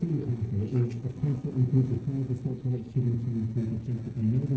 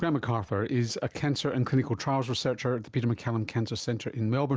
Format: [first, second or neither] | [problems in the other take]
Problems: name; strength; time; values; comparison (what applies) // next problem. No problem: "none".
second | noise reduction (neural separator model SepFormer DNS4)